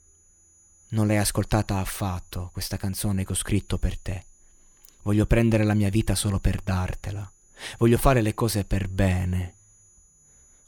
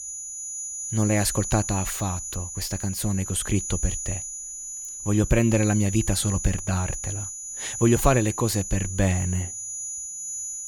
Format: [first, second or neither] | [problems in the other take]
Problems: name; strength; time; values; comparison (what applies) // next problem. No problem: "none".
first | high-pitched whine; loud; throughout; 7 kHz, 6 dB below the speech; faint in the first